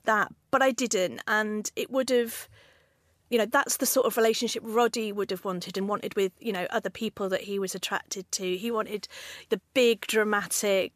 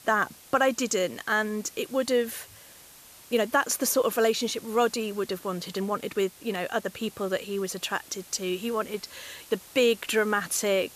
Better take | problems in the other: first | hiss; faint; throughout; 20 dB below the speech

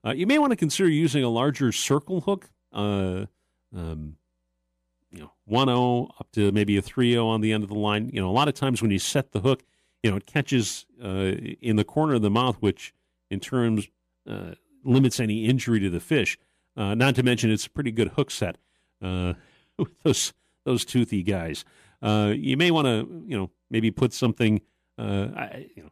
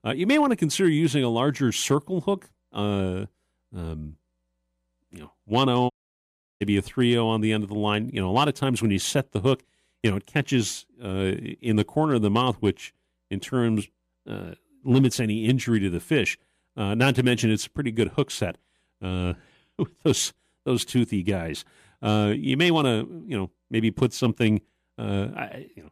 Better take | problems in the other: first | audio cutting out; at 6 s for 0.5 s

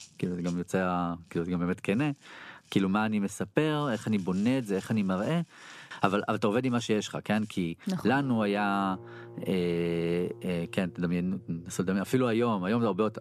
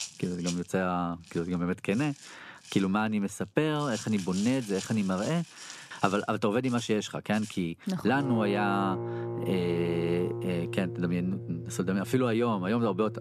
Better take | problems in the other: first | background music; loud; throughout; 9 dB below the speech; faint in the first

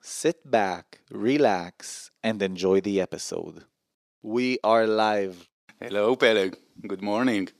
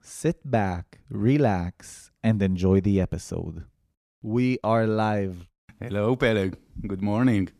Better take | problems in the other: second | thin; somewhat; fading below 400 Hz

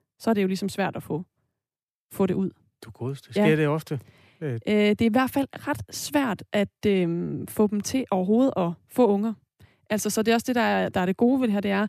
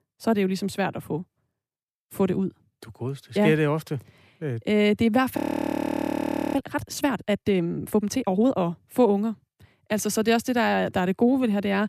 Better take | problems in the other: first | audio freezing; at 5.5 s for 1 s

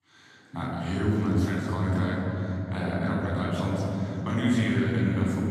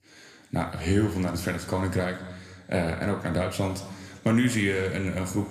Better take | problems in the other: second | room echo; strong; dies away in 3 s; slight in the second // off-mic speech; far

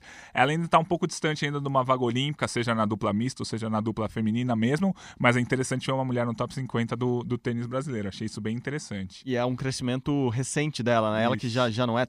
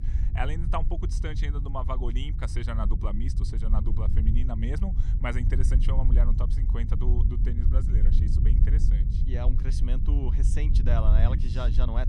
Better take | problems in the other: first | low rumble; loud; throughout; 6 dB below the speech

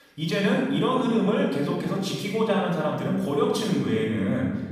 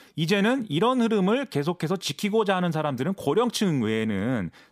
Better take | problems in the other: second | off-mic speech; far // room echo; noticeable; dies away in 1.3 s

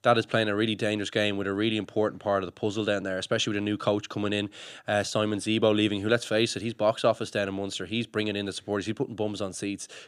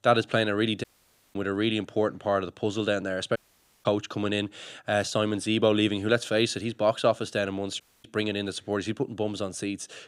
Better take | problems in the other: first | audio cutting out; at 1 s for 0.5 s, at 3.5 s and at 8 s

